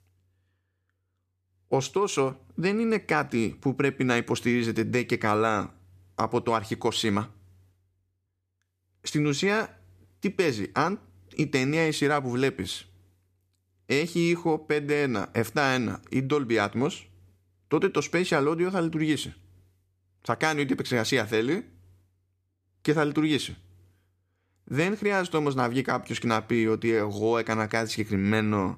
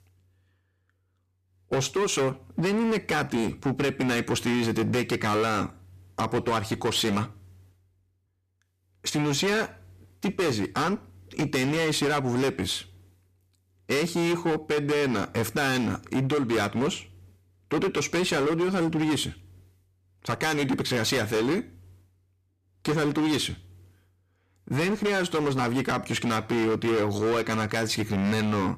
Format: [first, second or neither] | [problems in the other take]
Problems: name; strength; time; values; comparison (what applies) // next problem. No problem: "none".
first | distortion; heavy; 17% of the sound clipped